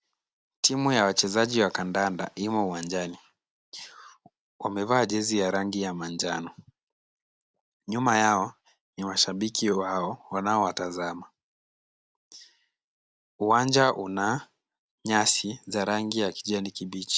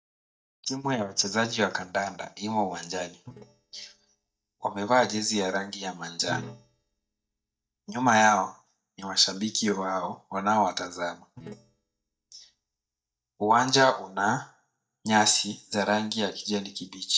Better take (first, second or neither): first